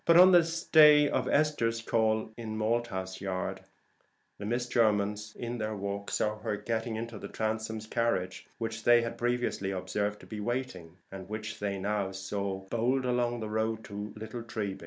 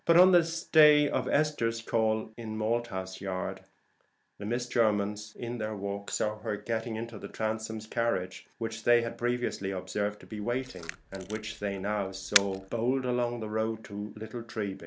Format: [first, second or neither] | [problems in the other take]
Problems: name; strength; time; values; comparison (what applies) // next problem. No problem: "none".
first | background sound (Camera); 7 dB below the speech